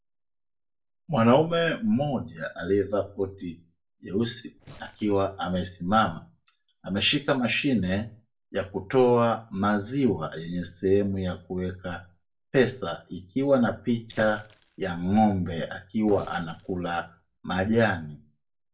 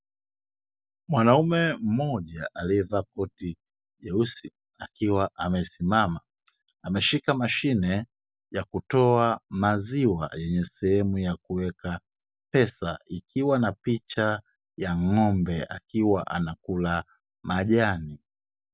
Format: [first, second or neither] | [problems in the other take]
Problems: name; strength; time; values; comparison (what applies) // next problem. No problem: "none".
second | noise reduction (neural separator model SepFormer DNS4)